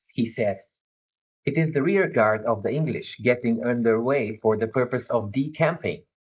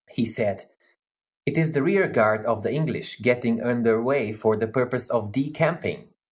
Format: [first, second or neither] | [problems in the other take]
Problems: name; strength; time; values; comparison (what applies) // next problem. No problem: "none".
second | noise reduction (neural mask model Resemble Enhance denoiser)